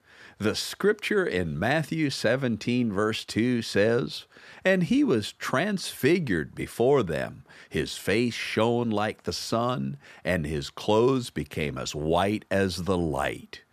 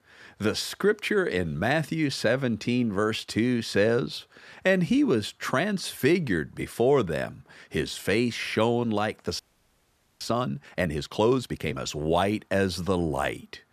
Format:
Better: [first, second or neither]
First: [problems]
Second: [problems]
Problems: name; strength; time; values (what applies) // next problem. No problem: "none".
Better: first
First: none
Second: audio freezing; at 9.5 s for 1 s